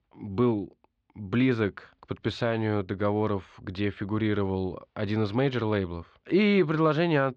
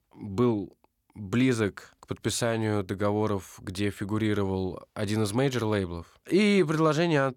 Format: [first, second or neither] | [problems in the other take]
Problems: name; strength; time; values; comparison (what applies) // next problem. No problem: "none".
second | muffled; slightly; fading above 4 kHz